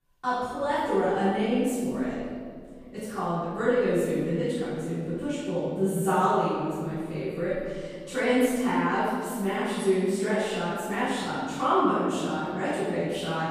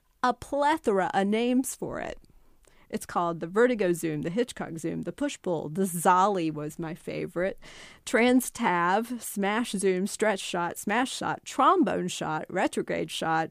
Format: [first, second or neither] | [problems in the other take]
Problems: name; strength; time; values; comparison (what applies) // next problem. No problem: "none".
second | off-mic speech; far // room echo; strong; dies away in 2 s